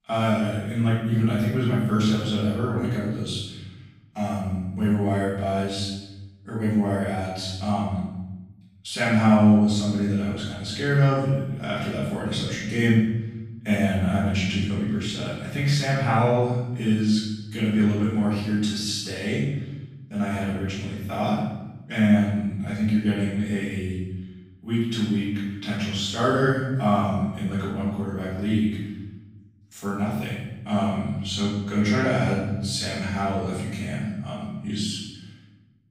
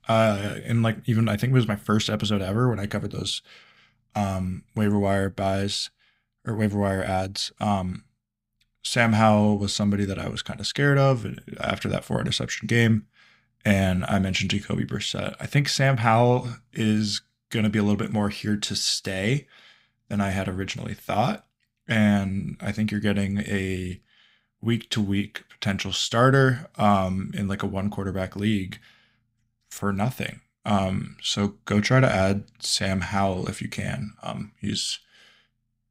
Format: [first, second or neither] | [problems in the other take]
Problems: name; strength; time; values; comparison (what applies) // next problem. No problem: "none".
second | off-mic speech; far // room echo; strong; dies away in 1.1 s